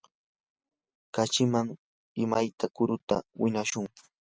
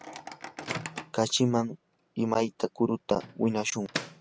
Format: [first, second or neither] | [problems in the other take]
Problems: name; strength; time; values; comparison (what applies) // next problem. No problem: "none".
first | background sound (Microwave oven); 12 dB below the speech